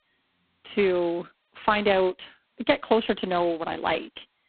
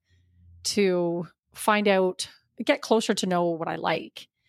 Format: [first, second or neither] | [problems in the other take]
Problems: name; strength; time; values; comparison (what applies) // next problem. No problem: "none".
second | phone-call audio; poor line; nothing above 4 kHz